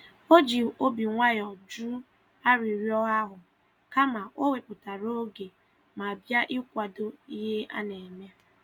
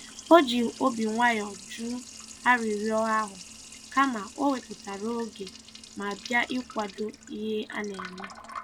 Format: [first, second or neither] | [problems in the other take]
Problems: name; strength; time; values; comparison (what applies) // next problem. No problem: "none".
first | background sound (Liquid); 17 dB below the speech